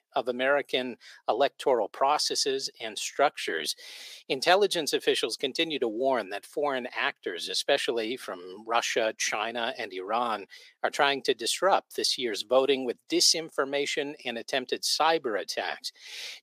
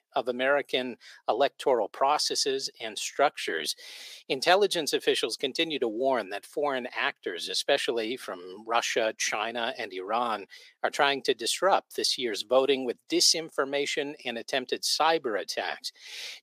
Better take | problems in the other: neither | thin; very; fading below 400 Hz; the same in both

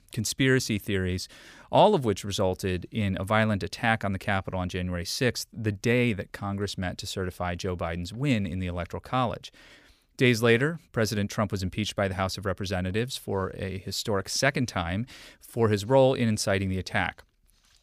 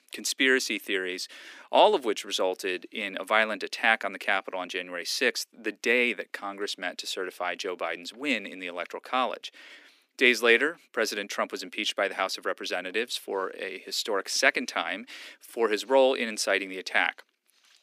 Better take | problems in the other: first | thin; somewhat; fading below 250 Hz

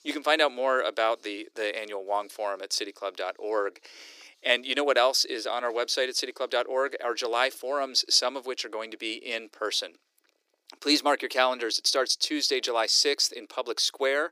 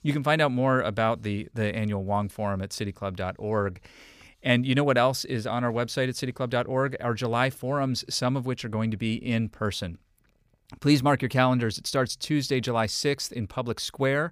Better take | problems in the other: second | thin; somewhat; fading below 300 Hz

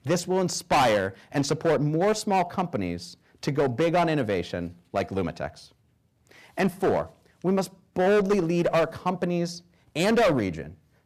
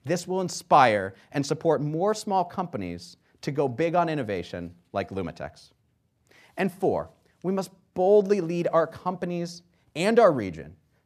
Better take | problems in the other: second | distortion; heavy; 8% of the sound clipped

